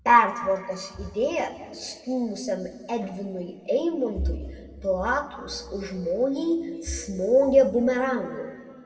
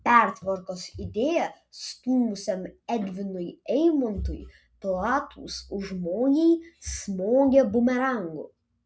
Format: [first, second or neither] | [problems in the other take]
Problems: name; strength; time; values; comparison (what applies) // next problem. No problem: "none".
second | background sound (Bird); 20 dB below the speech // room echo; dies away in 1.9 s